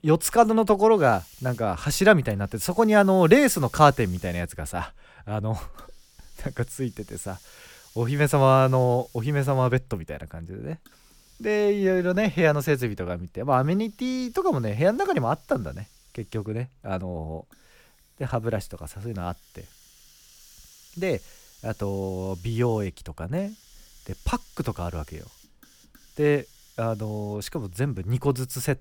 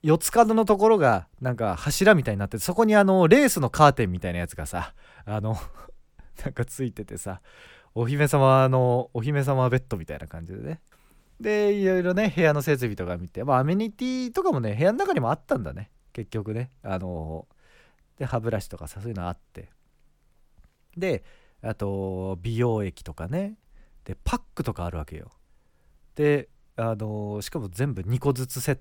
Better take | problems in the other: second | hiss; faint; throughout; 25 dB below the speech

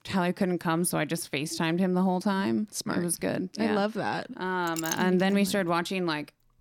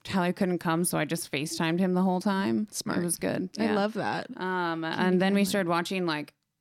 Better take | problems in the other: second | clattering dishes; noticeable; at 4.5 s; peak 7 dB below the speech

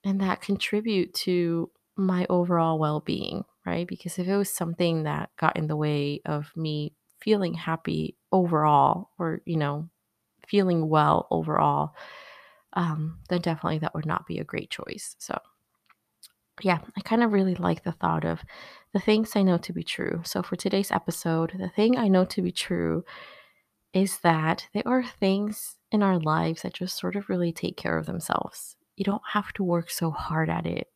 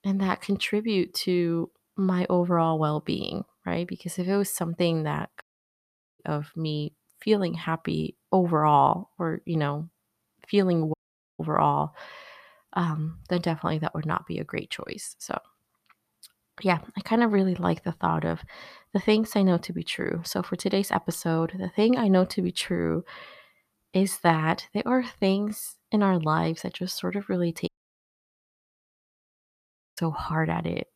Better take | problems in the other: first | audio cutting out; at 5.5 s for 1 s, at 11 s and at 28 s for 2.5 s

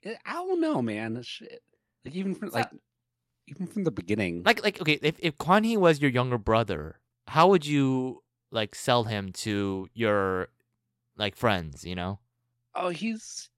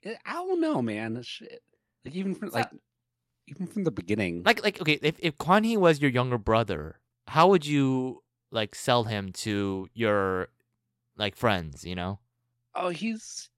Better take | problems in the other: neither | none

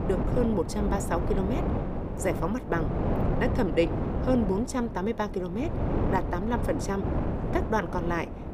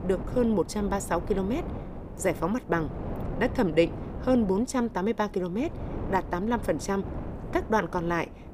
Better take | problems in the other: second | wind noise on the microphone; heavy; 4 dB below the speech; occasional gusts in the second

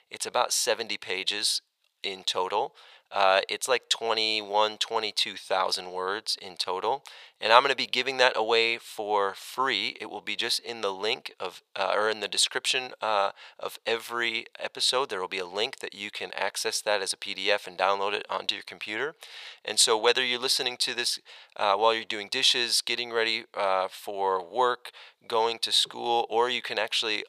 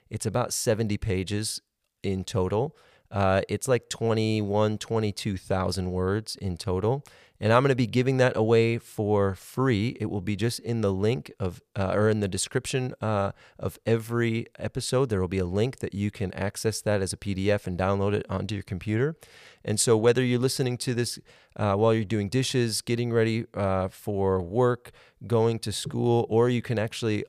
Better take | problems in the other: second | thin; very; fading below 700 Hz

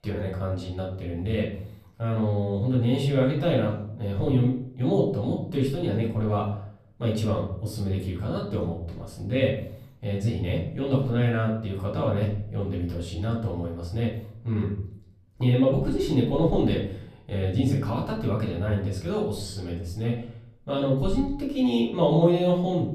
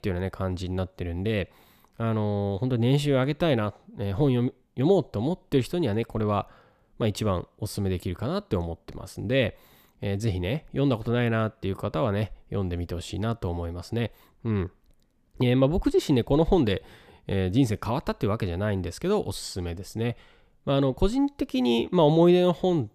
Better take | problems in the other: second | off-mic speech; far // room echo; slight; dies away in 0.6 s

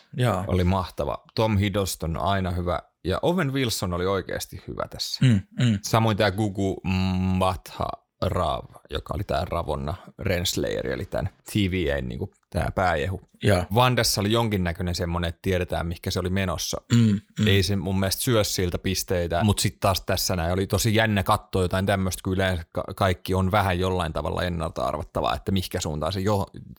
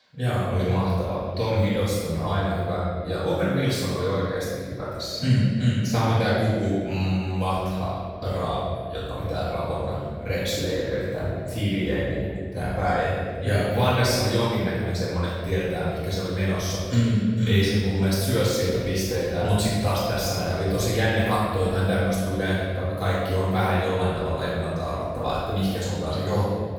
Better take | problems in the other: first | off-mic speech; far // room echo; strong; dies away in 1.8 s

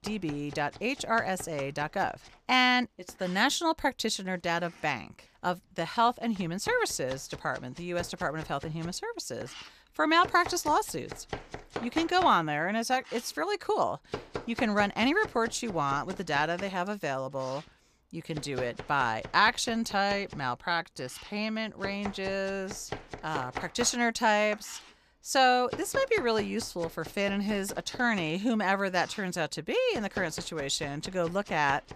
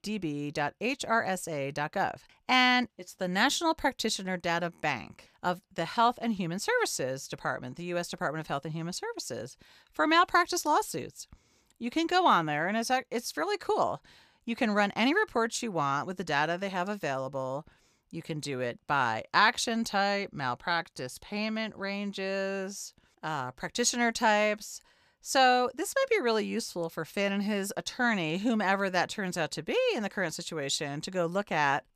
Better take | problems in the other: second | household noises; noticeable; throughout; 15 dB below the speech

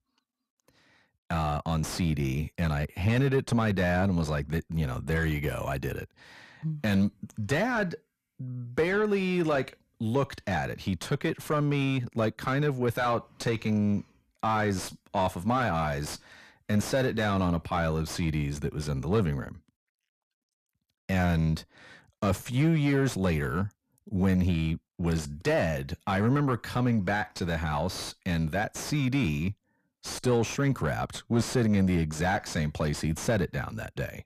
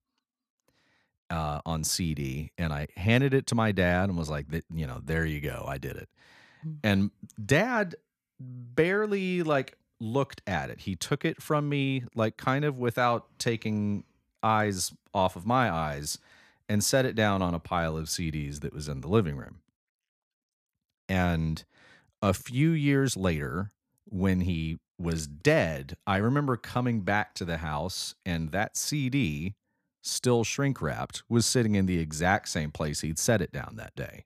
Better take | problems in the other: second | distortion; heavy; 8 dB below the speech

